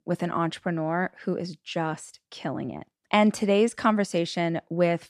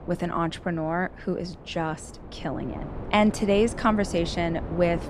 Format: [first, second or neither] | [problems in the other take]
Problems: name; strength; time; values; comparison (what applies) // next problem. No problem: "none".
first | wind noise on the microphone; occasional gusts; 15 dB below the speech